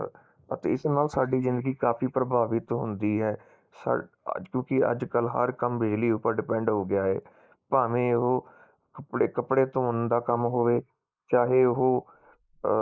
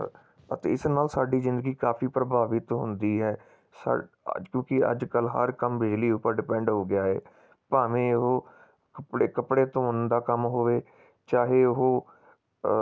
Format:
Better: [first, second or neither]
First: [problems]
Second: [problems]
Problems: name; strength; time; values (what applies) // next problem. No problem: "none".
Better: second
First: noise reduction (neural mask model Resemble Enhance denoiser)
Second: none